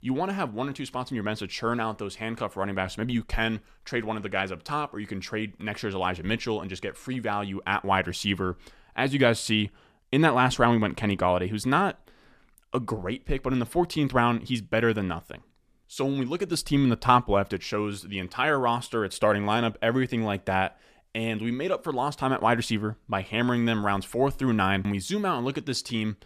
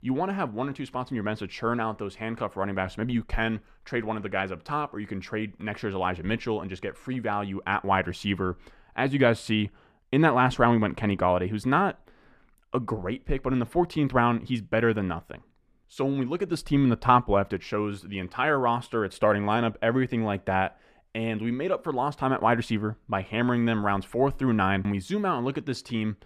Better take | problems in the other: first | muffled; slightly; fading above 3 kHz

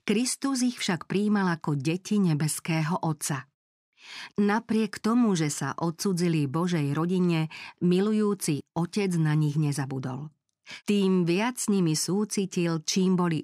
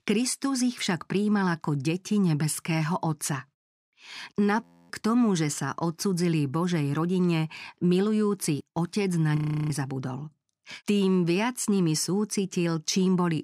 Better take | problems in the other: first | audio freezing; at 4.5 s and at 9.5 s

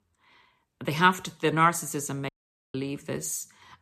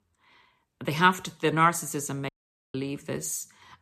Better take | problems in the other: neither | audio cutting out; at 2.5 s; the same in both

